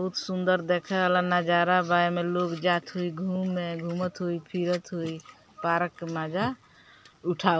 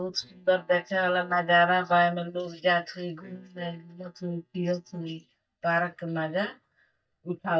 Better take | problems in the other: first | noise reduction (neural mask model DeepFilterNet 3)

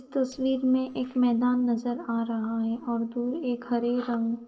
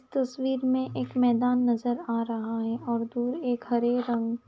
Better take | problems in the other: second | noise reduction (neural separator model SepFormer DNS4)

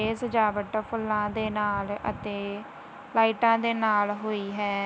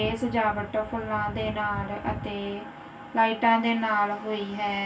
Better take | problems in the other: first | room echo; dies away in 0.2 s

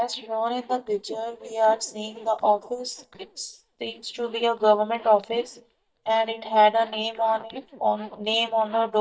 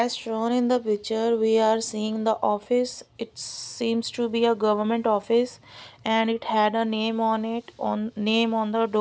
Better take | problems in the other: second | noise reduction (neural mask model DeepFilterNet 3)

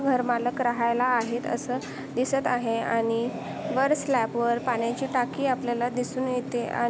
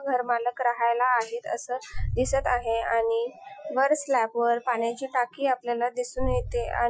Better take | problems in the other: first | noise reduction (classical method Wiener filter)

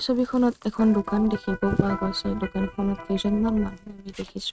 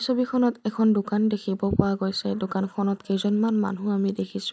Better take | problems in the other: second | noise reduction (neural mask model RNNoise)

